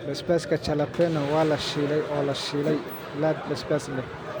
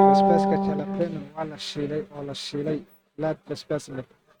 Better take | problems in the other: first | noise reduction (neural mask model RNNoise)

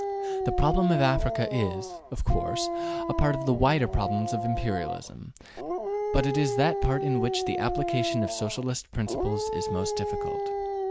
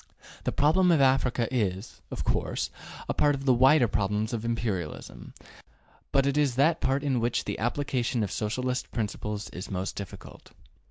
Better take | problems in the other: second | background sound (Dog); 3 dB below the speech

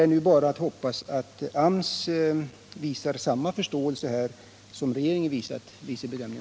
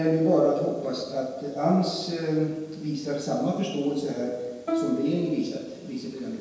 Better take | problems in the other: first | background sound (Plucked string instrument); 7 dB below the speech // room echo; dies away in 1.2 s

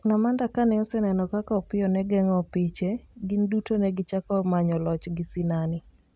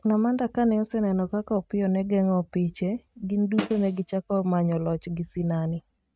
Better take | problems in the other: first | noise reduction (neural mask model RNNoise)

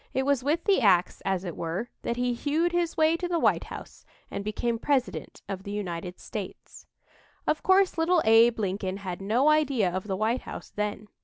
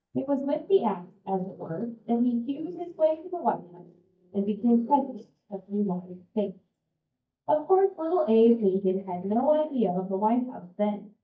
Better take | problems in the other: first | noise reduction (neural mask model DeepFilterNet 3)

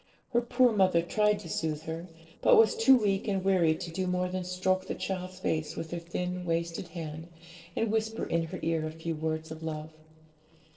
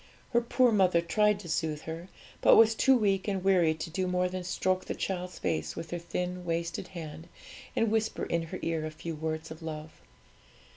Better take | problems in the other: second | noise reduction (neural separator model SepFormer DNS4)

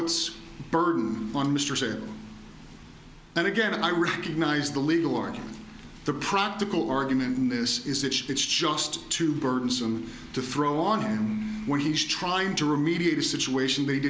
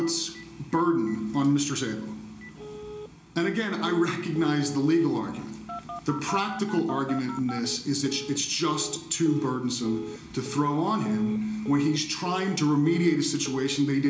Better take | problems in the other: first | background sound (Telephone); 15 dB below the speech // room echo; dies away in 0.4 s

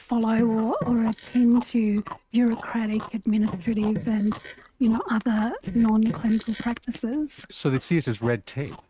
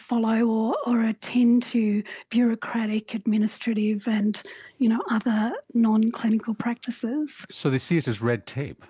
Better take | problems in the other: second | noise reduction (neural mask model RNNoise)

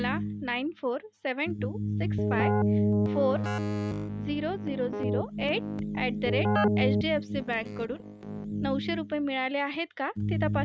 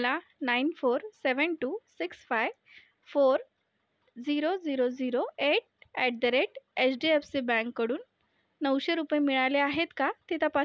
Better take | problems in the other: second | noise reduction (neural mask model RNNoise)

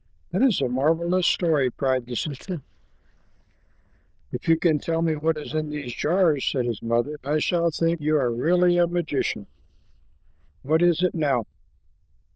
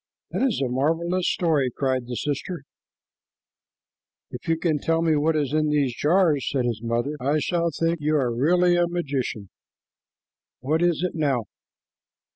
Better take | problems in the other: second | noise reduction (neural diffusion model UNIVERSE++)

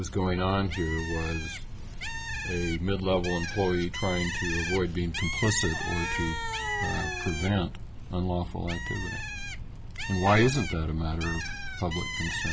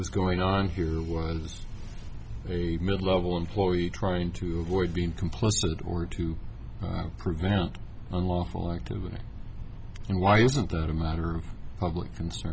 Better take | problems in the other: second | background sound (Cat + Bird); 7 dB below the speech

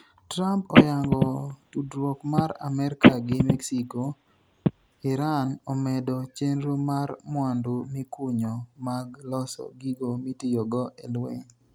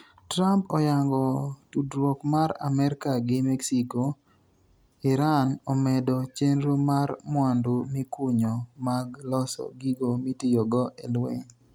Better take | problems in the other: second | background sound (Telephone); 5 dB above the speech

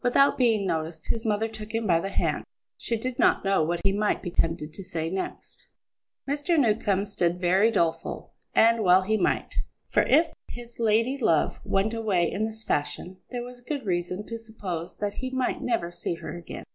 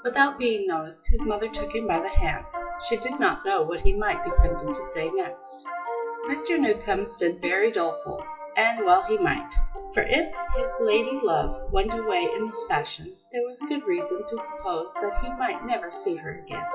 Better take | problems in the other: first | noise reduction (classical method WPE with log-MMSE)

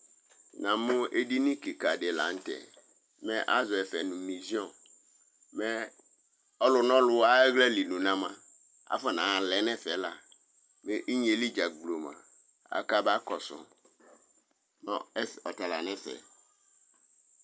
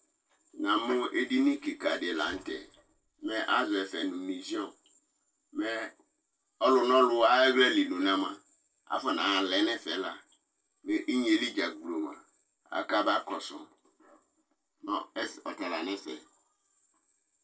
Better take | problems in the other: first | noise reduction (neural separator model SepFormer DNS4)

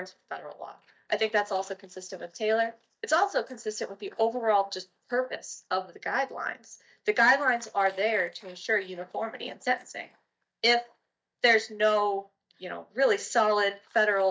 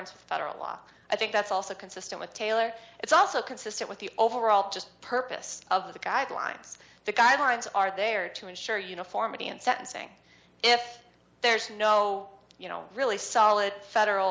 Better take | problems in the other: second | noise reduction (neural mask model DeepFilterNet 3)

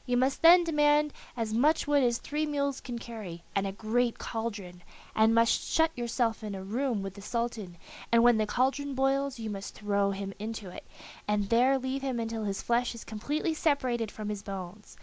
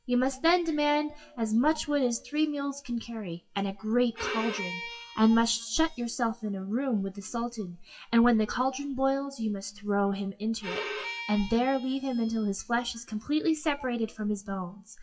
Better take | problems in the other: first | noise reduction (classical method WPE with log-MMSE)

